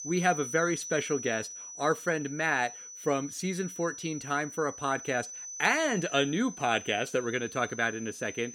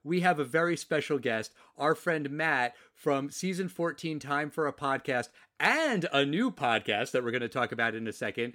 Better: second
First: high-pitched whine; noticeable; throughout; 6 kHz, 10 dB below the speech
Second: none

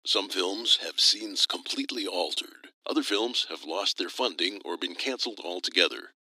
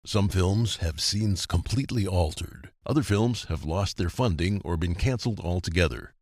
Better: second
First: thin; somewhat; fading below 250 Hz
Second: none

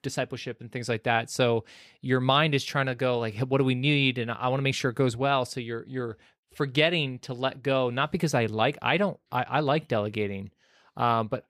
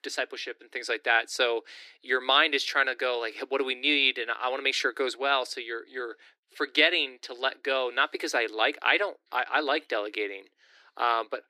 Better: first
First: none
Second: thin; very; fading below 300 Hz

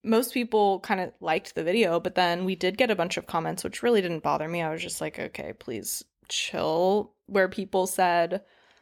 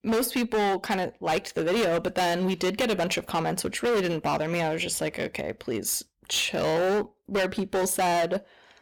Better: first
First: none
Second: distortion; heavy; 19% of the sound clipped

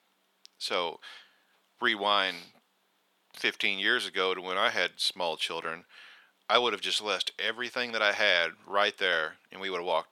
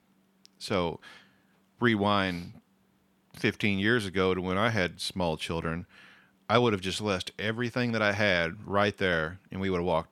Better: second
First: thin; very; fading below 550 Hz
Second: none

